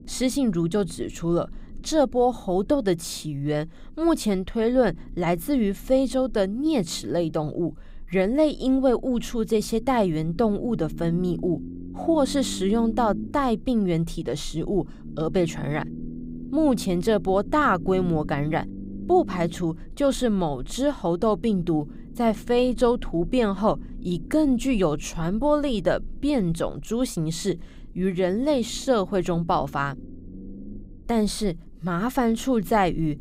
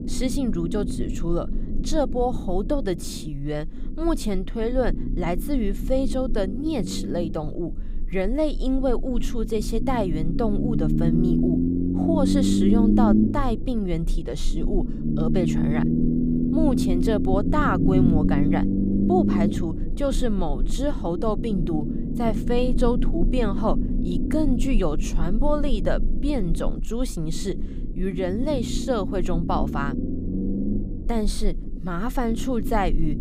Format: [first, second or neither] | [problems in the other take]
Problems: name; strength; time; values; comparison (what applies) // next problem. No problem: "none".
first | low rumble; loud; throughout; 3 dB below the speech; faint in the first